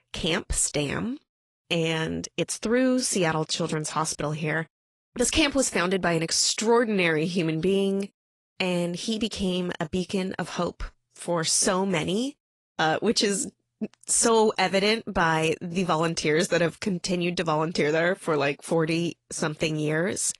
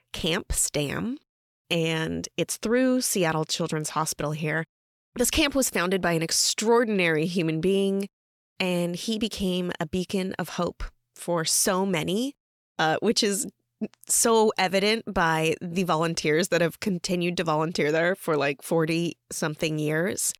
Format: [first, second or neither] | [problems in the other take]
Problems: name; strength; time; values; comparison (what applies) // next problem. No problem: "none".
second | garbled, watery; slightly; nothing above 10.5 kHz